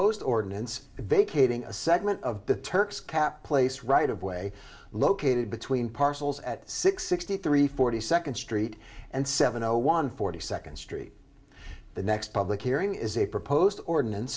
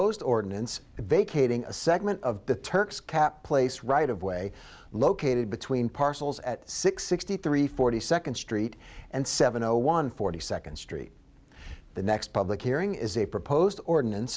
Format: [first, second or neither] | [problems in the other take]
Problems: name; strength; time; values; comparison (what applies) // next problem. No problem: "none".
second | room echo; dies away in 0.3 s